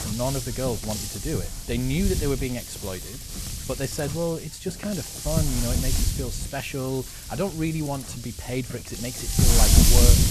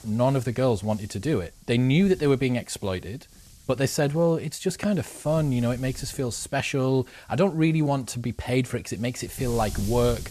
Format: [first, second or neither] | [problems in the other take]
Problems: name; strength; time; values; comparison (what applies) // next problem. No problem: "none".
second | wind noise on the microphone; heavy; 1 dB above the speech; occasional gusts in the second